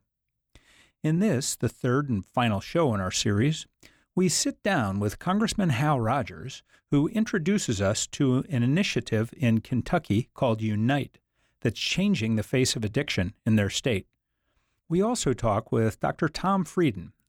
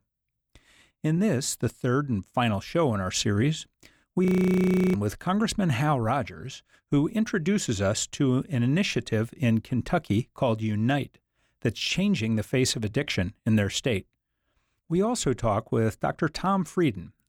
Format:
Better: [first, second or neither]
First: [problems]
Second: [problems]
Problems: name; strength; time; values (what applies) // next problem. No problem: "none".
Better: first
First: none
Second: audio freezing; at 4.5 s for 0.5 s